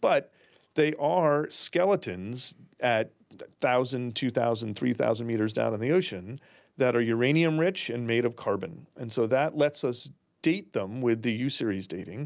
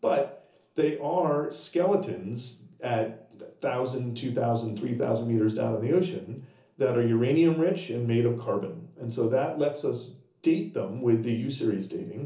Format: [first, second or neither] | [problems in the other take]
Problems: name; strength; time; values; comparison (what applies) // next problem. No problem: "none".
first | room echo; dies away in 0.8 s